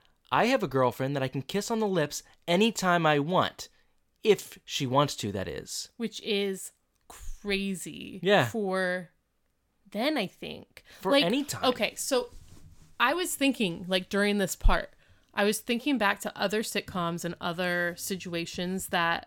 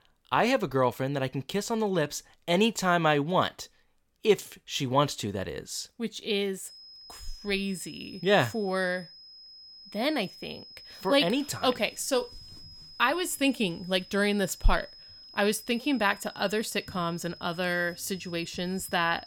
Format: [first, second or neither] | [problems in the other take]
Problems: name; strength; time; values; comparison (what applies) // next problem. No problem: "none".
first | high-pitched whine; noticeable; from 6.5 s on; 5 kHz, 20 dB below the speech